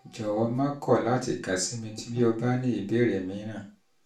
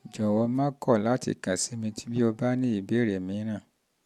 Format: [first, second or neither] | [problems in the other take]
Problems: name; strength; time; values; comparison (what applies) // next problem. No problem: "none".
second | room echo; dies away in 0.3 s